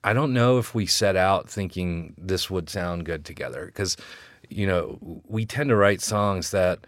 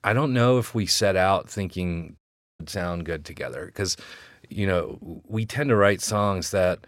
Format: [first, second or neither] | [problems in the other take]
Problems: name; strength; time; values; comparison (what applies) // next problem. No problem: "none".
first | audio cutting out; at 2 s